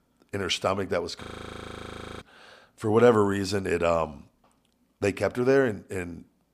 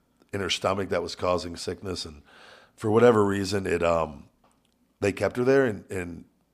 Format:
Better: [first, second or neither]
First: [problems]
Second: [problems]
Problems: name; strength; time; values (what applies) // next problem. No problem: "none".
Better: second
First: audio freezing; at 1 s for 1 s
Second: none